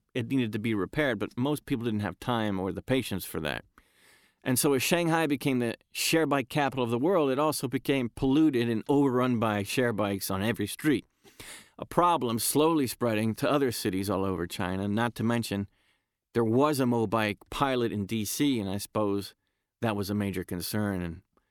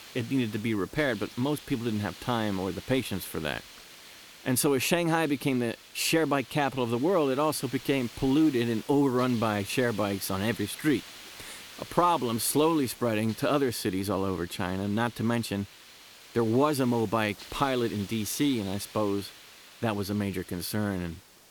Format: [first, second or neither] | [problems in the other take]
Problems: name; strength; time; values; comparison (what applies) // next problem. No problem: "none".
first | hiss; noticeable; throughout; 15 dB below the speech